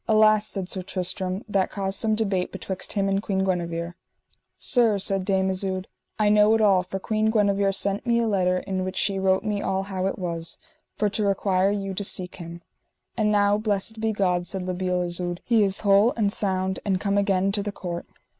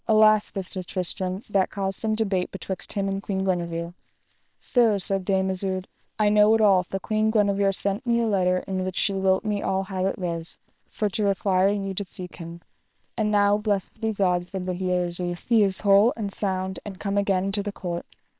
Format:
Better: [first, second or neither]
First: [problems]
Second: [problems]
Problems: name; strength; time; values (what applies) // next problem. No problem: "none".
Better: first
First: none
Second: noise reduction (neural separator model SepFormer WHAM!)